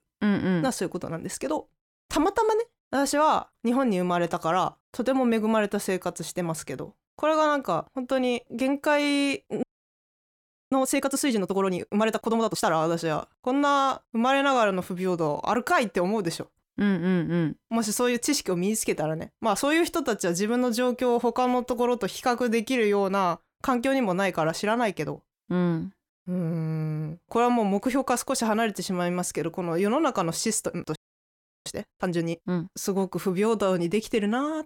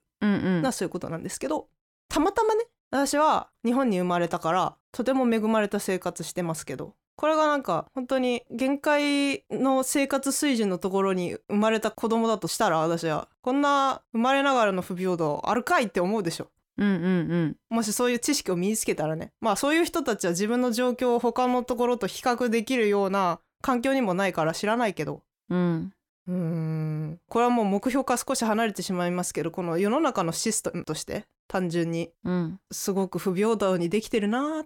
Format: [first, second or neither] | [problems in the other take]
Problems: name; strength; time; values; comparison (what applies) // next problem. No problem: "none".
second | audio freezing; at 9.5 s for 1 s and at 31 s for 0.5 s